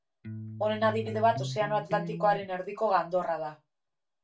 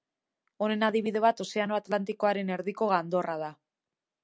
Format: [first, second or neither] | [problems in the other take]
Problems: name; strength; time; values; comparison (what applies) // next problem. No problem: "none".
second | background sound (Electric guitar); 8 dB below the speech // room echo; dies away in 0.2 s